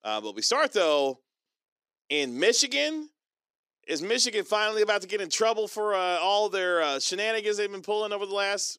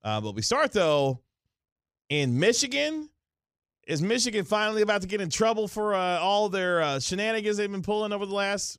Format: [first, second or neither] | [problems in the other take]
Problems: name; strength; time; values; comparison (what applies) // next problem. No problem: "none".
second | thin; somewhat; fading below 300 Hz